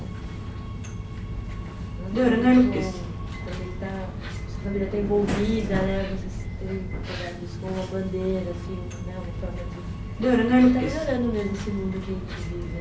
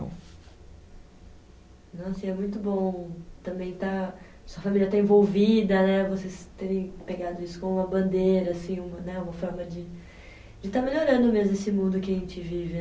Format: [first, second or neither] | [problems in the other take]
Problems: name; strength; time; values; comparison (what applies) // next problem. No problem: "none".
second | background sound (Subway, metro, underground); 4 dB above the speech